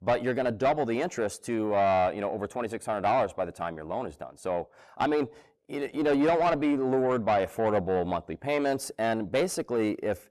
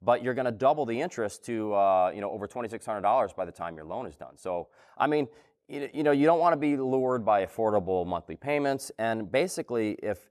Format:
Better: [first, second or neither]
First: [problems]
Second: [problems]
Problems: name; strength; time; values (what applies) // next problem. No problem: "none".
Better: second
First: distortion; slight; 10 dB below the speech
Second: none